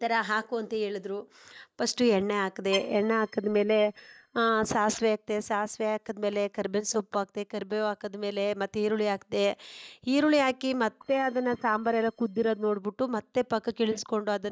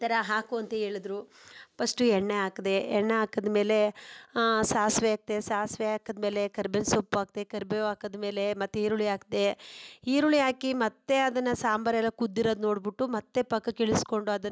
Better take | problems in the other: second | noise reduction (neural mask model DeepFilterNet 3)

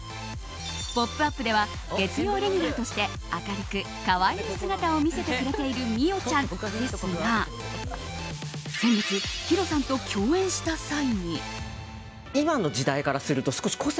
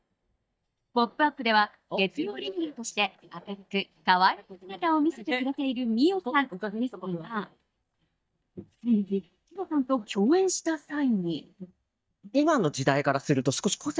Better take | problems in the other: first | noise reduction (neural mask model DeepFilterNet 3)

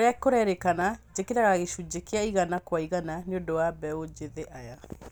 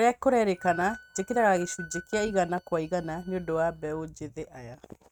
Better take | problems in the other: first | noise reduction (neural mask model RNNoise)

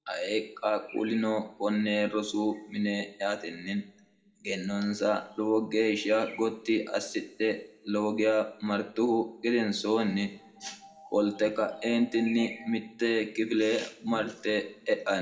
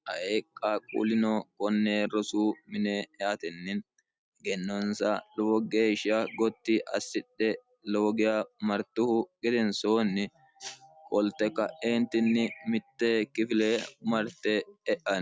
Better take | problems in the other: second | room echo; dies away in 0.9 s

